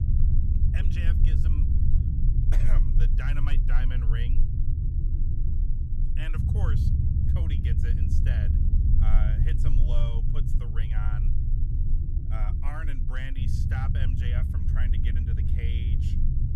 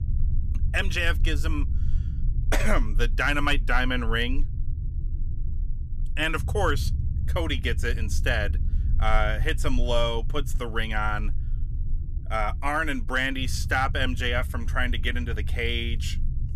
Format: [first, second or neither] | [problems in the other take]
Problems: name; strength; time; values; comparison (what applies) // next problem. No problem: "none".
second | low rumble; loud; throughout; 1 dB below the speech; faint in the second